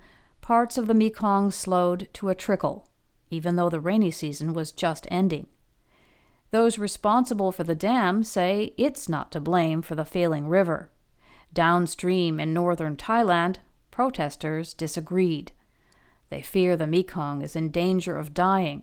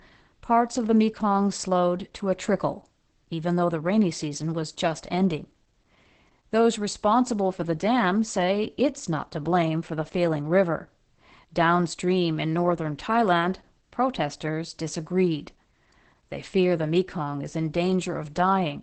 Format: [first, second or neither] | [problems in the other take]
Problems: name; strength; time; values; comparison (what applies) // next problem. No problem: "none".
first | garbled, watery; badly; nothing above 8 kHz; slightly in the first